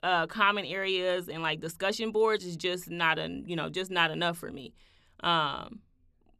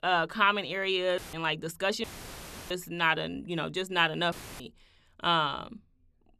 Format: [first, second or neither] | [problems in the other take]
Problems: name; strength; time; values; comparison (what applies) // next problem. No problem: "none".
first | audio cutting out; filled with static; at 1 s, at 2 s for 0.5 s and at 4.5 s